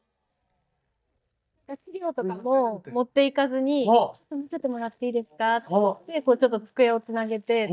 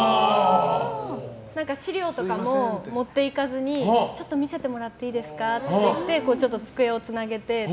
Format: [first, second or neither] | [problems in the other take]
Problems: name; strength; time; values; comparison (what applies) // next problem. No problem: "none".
second | noise reduction (neural mask model DeepFilterNet 3)